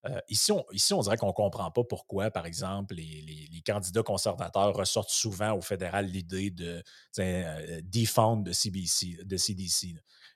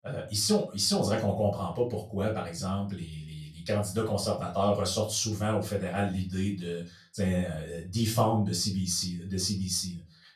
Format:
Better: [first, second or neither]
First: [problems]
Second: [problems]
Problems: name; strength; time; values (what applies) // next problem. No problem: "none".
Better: first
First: none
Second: off-mic speech; far // room echo; slight; dies away in 0.3 s